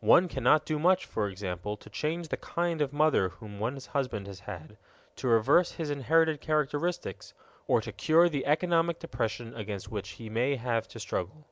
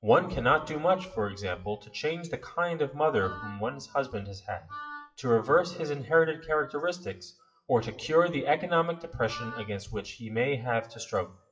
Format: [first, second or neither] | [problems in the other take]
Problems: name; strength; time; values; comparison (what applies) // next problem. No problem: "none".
first | noise reduction (classical method WPE with log-MMSE)